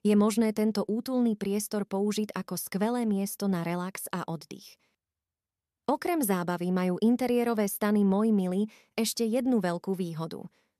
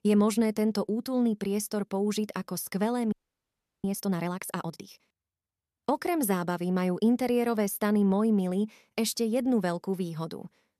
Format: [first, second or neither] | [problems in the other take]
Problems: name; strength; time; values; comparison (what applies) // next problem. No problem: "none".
first | audio freezing; at 3 s for 0.5 s